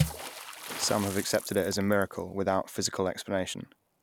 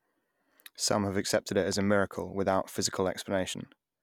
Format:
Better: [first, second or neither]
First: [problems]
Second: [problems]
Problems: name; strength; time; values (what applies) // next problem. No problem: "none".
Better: second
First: background sound (Water / Splash, splatter); 8 dB below the speech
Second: none